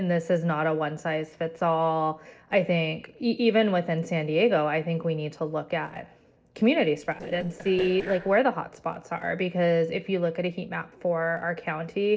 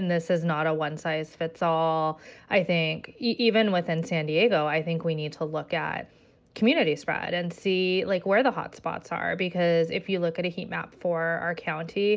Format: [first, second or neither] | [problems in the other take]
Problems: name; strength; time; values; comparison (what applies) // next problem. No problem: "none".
second | noise reduction (neural separator model SepFormer DNS4)